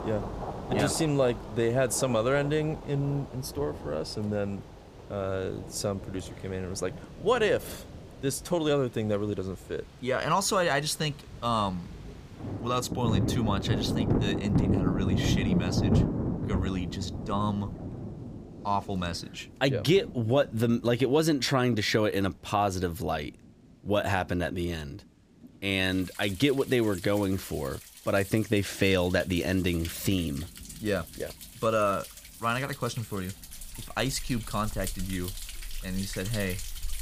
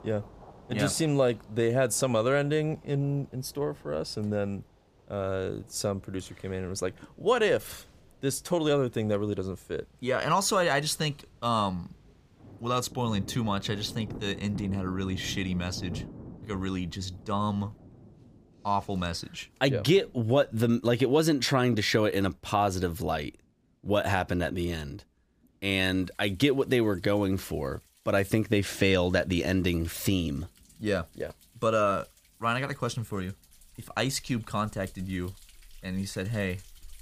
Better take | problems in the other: second | rain or running water; loud; throughout; 6 dB below the speech; faint in the second

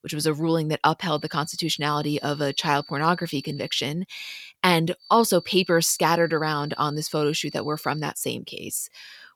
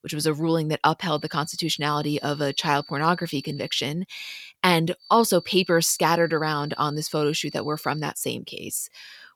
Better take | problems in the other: neither | high-pitched whine; noticeable; from 1 to 4 s and from 5 to 8 s; 4.5 kHz, 20 dB below the speech; the same in both

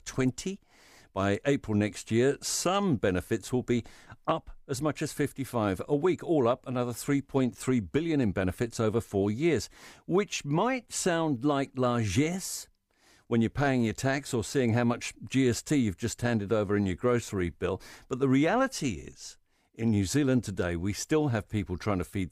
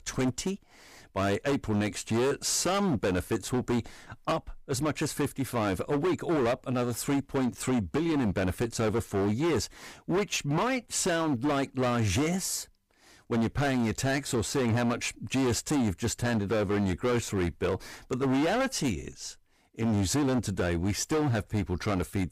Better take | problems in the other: first | distortion; heavy; 19% of the sound clipped

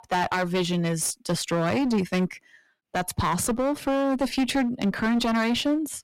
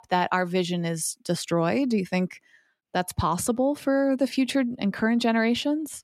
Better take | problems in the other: second | distortion; heavy; 15% of the sound clipped

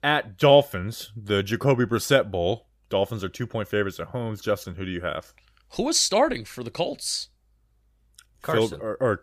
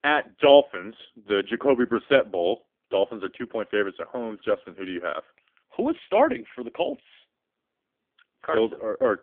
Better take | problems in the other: first | phone-call audio; poor line; nothing above 3.5 kHz

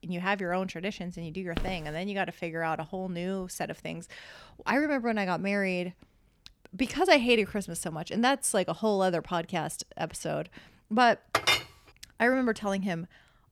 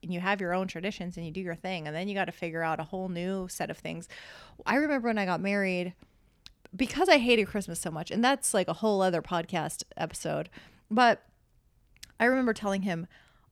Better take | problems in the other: second | footsteps; noticeable; at 1.5 s; peak 9 dB below the speech // clattering dishes; loud; at 11 s; peak 4 dB above the speech

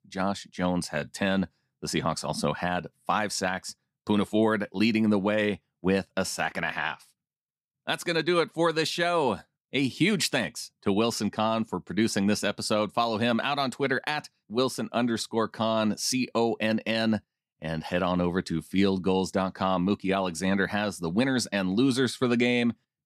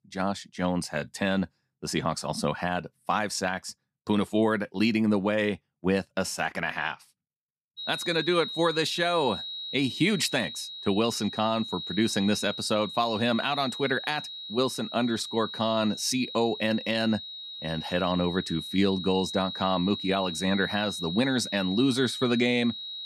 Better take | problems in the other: first | high-pitched whine; loud; from 8 s on; 4 kHz, 8 dB below the speech

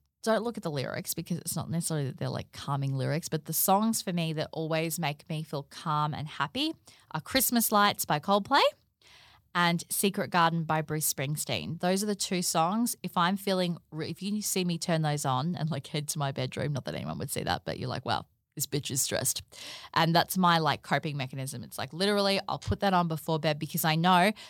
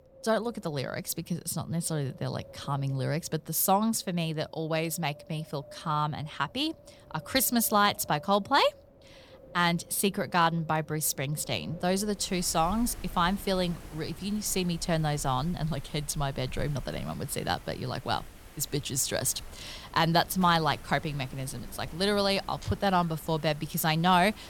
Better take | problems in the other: first | wind in the background; faint; throughout; 20 dB below the speech

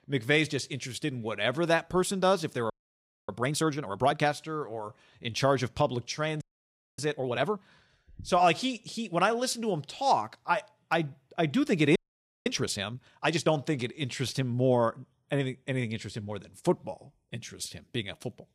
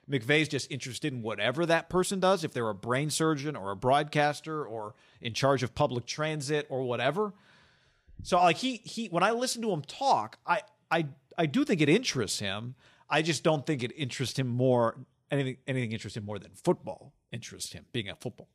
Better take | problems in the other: second | audio freezing; at 2.5 s for 0.5 s, at 6.5 s for 0.5 s and at 12 s for 0.5 s

